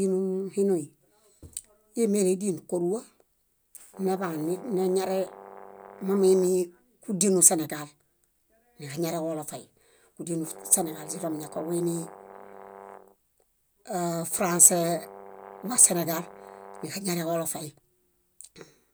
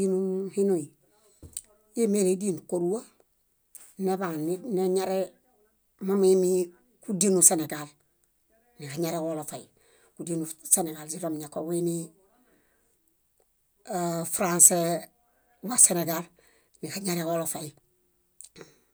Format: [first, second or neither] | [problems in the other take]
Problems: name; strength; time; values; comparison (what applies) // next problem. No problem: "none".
second | background sound (Brass instrument); 18 dB below the speech